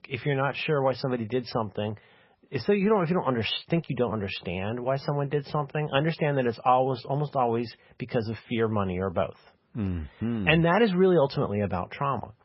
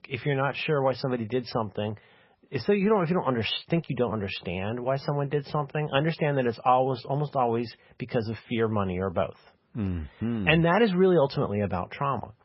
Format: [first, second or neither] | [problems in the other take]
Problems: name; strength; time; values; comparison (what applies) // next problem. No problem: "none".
neither | garbled, watery; badly; nothing above 5.5 kHz; the same in both